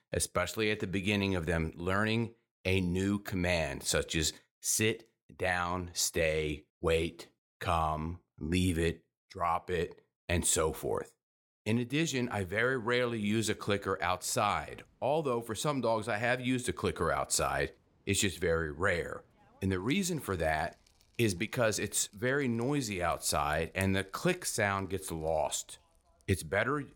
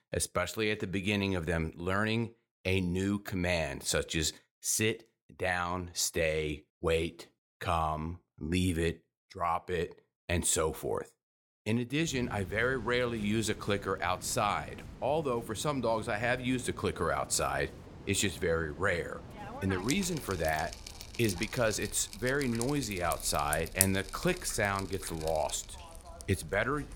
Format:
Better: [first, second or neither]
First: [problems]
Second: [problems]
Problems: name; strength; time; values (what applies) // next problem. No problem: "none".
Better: first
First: rain or running water; faint; from 12 s on; 30 dB below the speech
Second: rain or running water; loud; from 12 s on; 10 dB below the speech